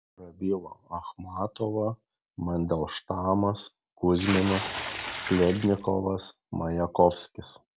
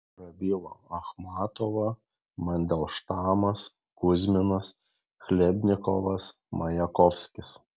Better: second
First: background sound (Water / Splash, splatter); 7 dB below the speech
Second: none

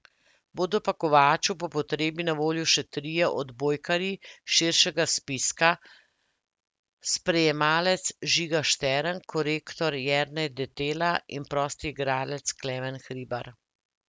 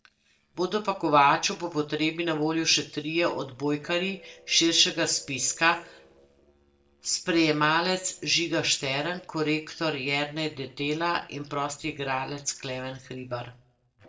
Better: first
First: none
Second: noise reduction (neural separator model SepFormer DNS4)

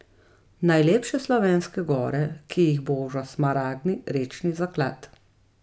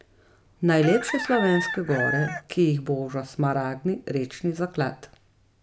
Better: first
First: none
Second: background sound (Chicken, rooster); 7 dB below the speech

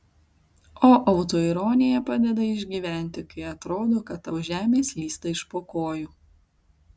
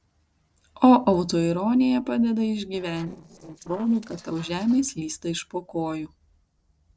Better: first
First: none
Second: noise reduction (neural separator model SepFormer DNS4)

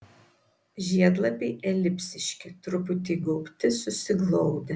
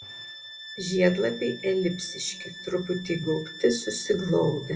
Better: first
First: none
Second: background sound (Bowed string instrument); 14 dB below the speech // room echo; dies away in 1 s

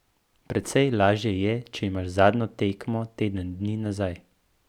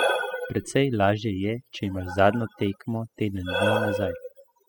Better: first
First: none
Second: noise reduction (classical method spectral subtraction)

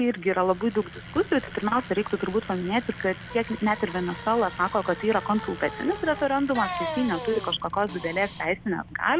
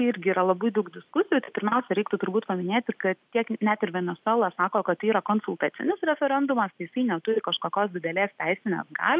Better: second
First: background sound (Bicycle); 12 dB below the speech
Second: none

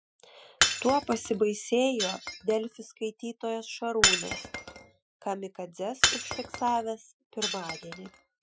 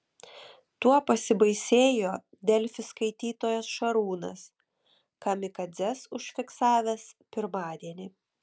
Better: second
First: noise reduction (classical method Wiener filter)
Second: none

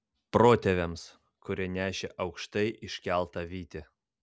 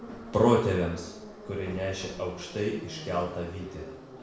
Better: first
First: none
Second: background sound (Subway, metro, underground); 13 dB below the speech // room echo; dies away in 0.7 s

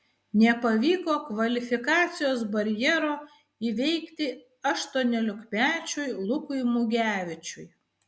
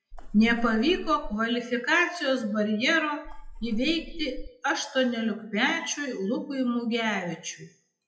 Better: first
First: none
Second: noise reduction (classical method WPE with log-MMSE)

